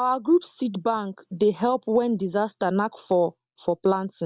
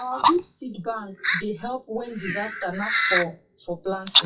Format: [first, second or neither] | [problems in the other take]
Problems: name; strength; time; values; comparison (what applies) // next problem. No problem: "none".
first | noise reduction (classical method WPE with log-MMSE)